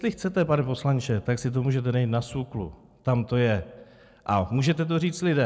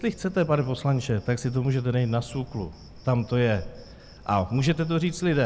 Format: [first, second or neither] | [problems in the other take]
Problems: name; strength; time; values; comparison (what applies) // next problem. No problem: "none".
first | background sound (Cricket); 20 dB below the speech